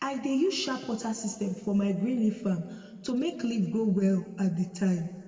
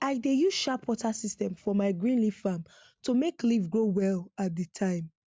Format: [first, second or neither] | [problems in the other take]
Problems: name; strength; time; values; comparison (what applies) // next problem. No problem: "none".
second | room echo; dies away in 1.9 s